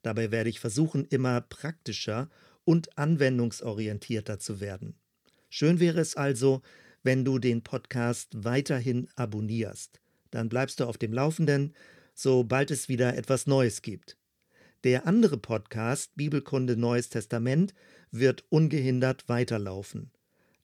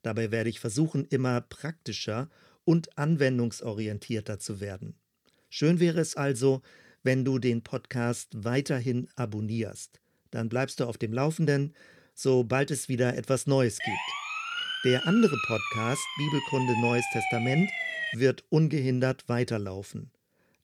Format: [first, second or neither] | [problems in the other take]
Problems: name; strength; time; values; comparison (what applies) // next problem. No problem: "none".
first | siren; noticeable; from 14 to 18 s; peak 1 dB below the speech